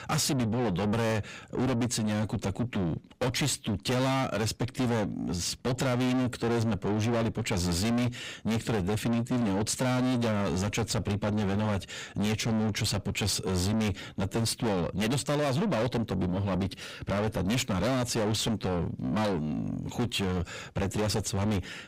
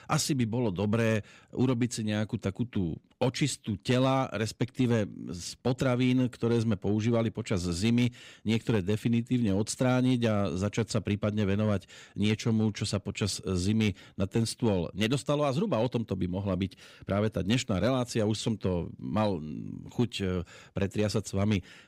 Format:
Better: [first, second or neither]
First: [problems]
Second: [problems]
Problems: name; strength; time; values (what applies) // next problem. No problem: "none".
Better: second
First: distortion; heavy; 5 dB below the speech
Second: none